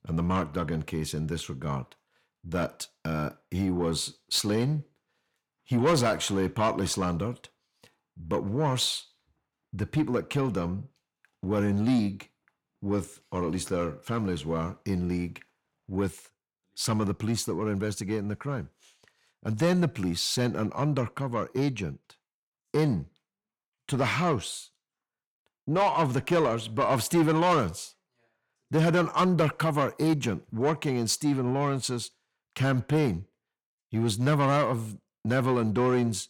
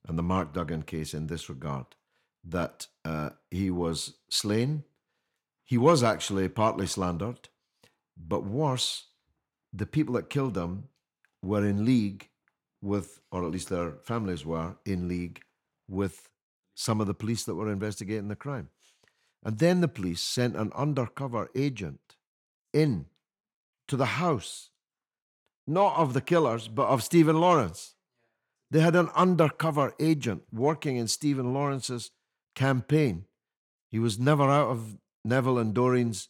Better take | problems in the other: second | distortion; slight; 10 dB below the speech

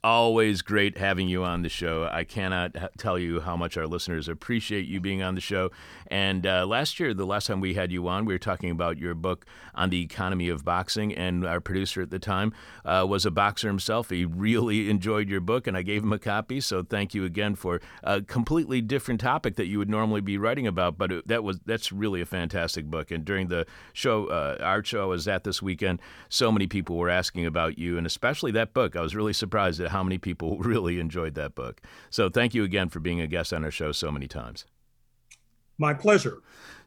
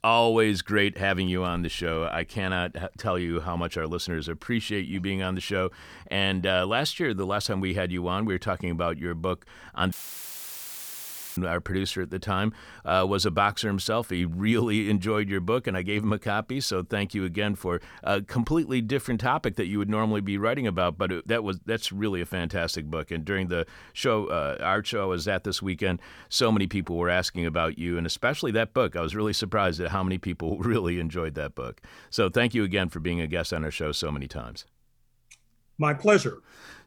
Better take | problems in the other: first | audio cutting out; filled with static; at 10 s for 1.5 s

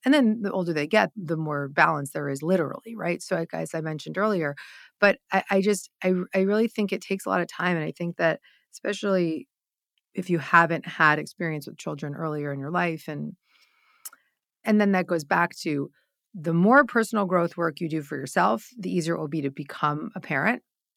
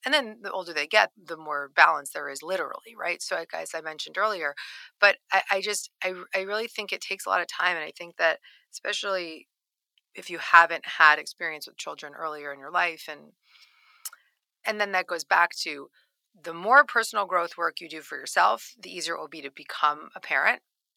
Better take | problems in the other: first | thin; very; fading below 850 Hz

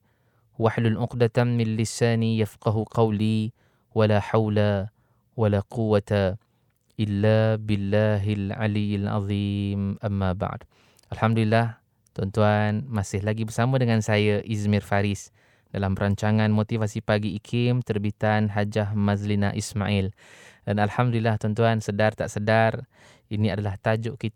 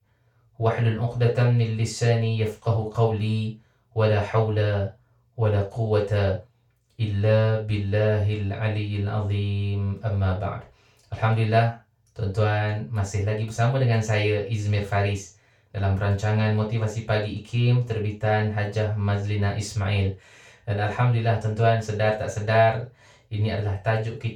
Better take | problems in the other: first | room echo; slight; dies away in 0.3 s // off-mic speech; far

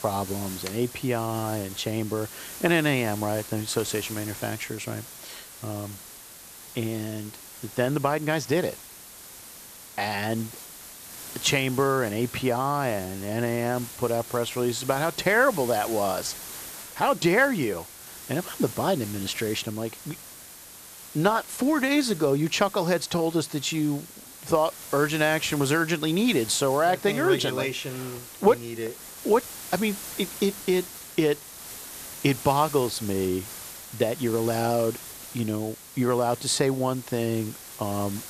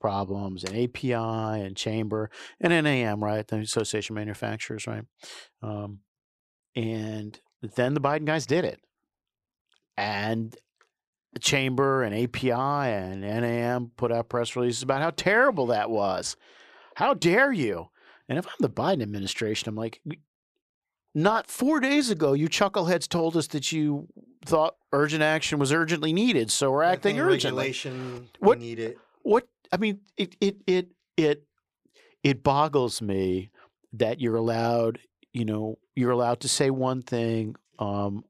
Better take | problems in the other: second | hiss; noticeable; throughout; 15 dB below the speech

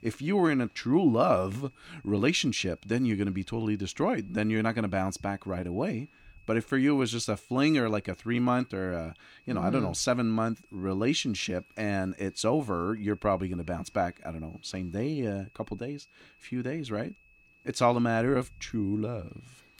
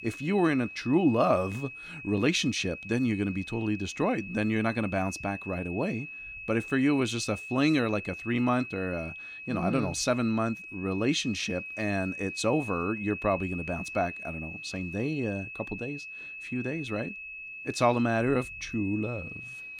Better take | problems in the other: first | high-pitched whine; loud; throughout; 2.5 kHz, 10 dB below the speech; faint in the first

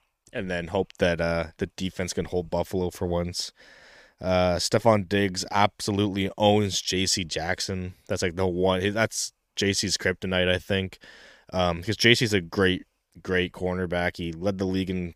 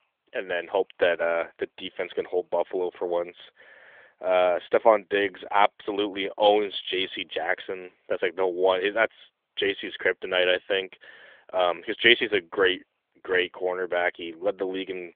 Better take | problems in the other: first | phone-call audio; nothing above 3.5 kHz

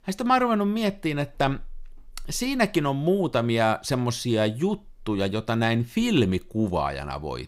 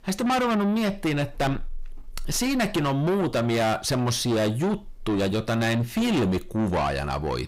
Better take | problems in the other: first | distortion; heavy; 6 dB below the speech

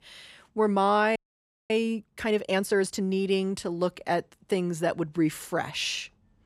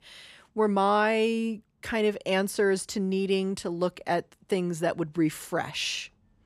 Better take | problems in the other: second | audio freezing; at 1 s for 0.5 s

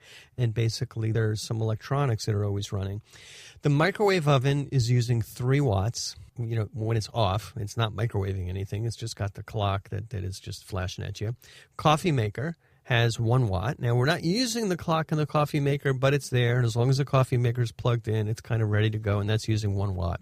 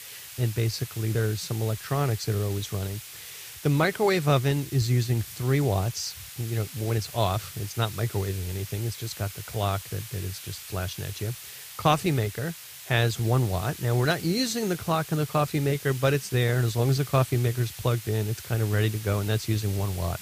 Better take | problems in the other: first | hiss; noticeable; throughout; 10 dB below the speech

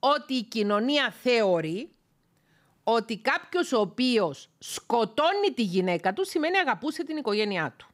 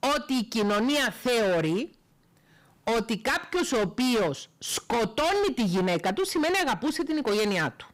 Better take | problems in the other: first | distortion; heavy; 26% of the sound clipped

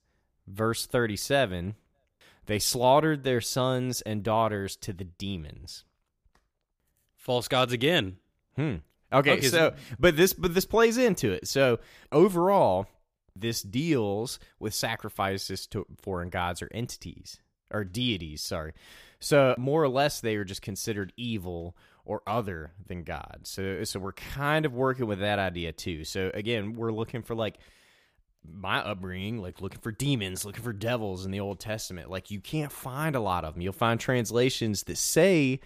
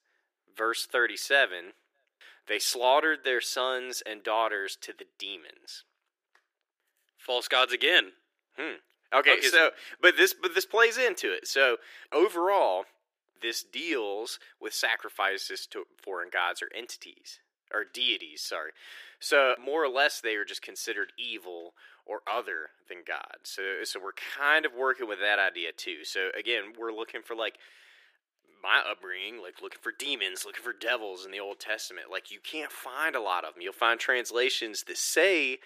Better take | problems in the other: first | thin; very; fading below 350 Hz

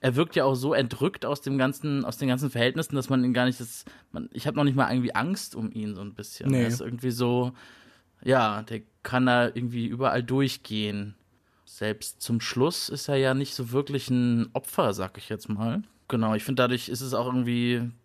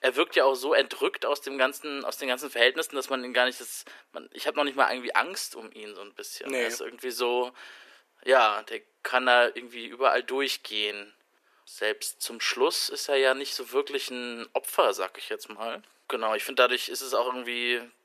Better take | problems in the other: first | thin; very; fading below 400 Hz

